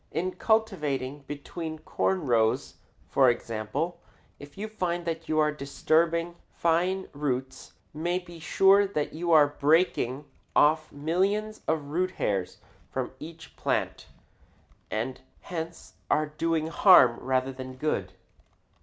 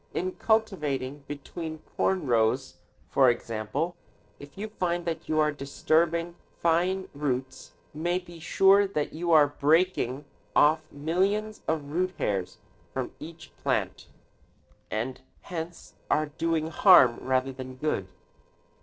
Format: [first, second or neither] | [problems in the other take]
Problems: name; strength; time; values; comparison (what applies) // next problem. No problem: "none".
first | noise reduction (neural separator model SepFormer DNS4)